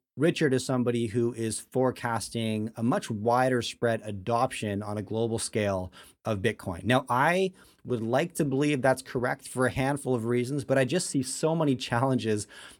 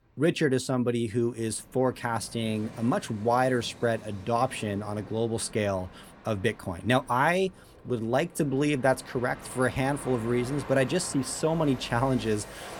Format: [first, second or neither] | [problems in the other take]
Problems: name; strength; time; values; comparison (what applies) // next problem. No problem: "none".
first | train or aircraft noise; noticeable; throughout; 20 dB below the speech